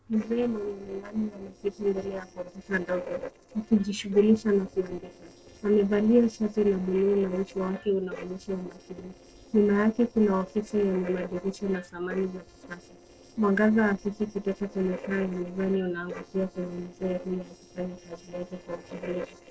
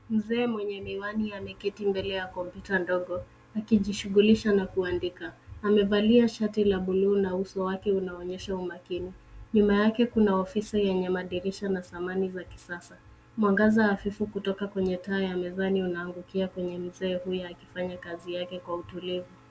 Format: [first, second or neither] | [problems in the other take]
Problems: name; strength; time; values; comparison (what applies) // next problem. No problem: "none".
second | noise reduction (neural separator model SepFormer DNS4)